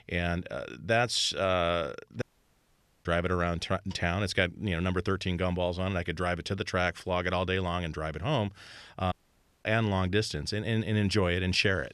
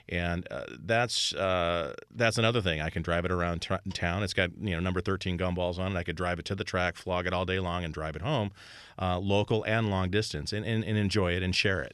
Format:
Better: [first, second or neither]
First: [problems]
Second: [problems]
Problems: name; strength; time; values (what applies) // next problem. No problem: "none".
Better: second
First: audio cutting out; at 2 s for 1 s and at 9 s for 0.5 s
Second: none